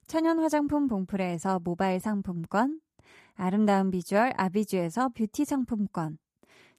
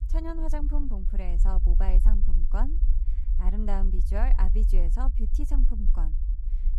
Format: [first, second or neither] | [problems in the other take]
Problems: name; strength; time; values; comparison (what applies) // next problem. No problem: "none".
first | low rumble; noticeable; throughout; 10 dB below the speech